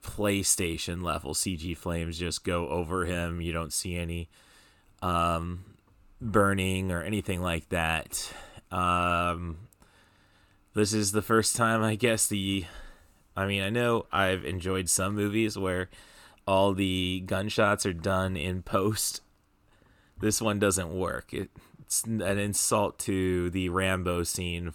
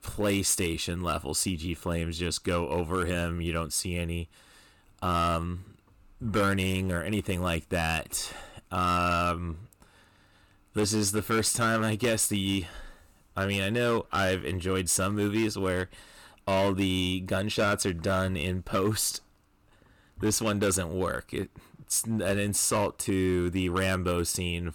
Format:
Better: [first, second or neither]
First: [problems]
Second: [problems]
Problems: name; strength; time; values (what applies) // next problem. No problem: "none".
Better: first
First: none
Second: distortion; slight; 6% of the sound clipped